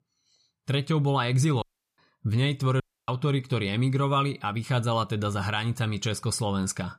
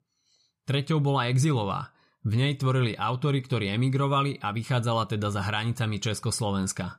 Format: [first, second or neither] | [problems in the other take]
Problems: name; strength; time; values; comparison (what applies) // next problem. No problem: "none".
second | audio cutting out; at 1.5 s and at 3 s